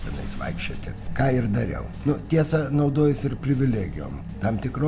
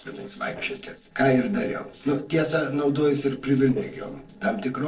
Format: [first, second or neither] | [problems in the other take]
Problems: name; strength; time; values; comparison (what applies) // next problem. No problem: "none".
first | noise reduction (neural separator model SepFormer DNS4)